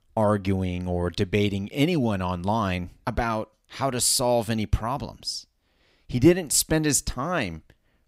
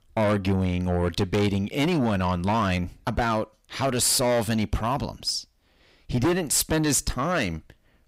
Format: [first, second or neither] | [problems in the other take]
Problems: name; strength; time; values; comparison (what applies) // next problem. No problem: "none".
first | distortion; heavy; 7 dB below the speech